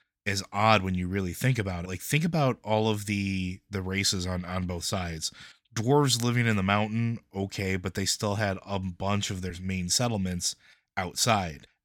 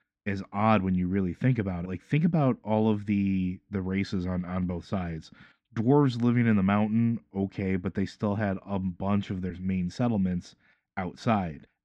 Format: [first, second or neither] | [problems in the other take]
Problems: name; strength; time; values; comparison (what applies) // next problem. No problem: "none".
first | muffled; very; fading above 2 kHz